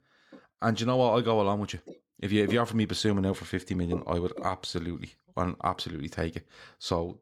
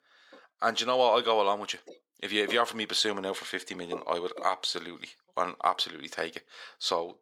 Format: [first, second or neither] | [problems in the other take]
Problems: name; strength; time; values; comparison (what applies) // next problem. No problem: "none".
first | thin; very; fading below 550 Hz